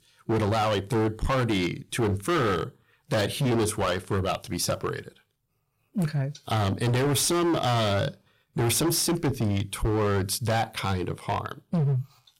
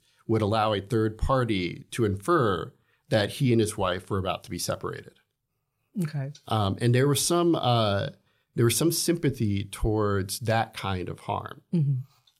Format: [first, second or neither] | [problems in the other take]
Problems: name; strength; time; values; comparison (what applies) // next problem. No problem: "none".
second | distortion; heavy; 20% of the sound clipped